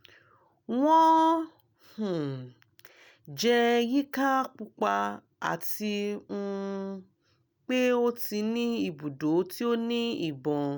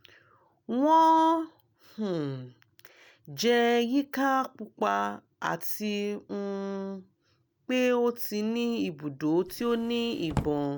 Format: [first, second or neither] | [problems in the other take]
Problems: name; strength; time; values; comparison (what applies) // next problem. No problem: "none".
first | background sound (Drawer open or close); 10 dB below the speech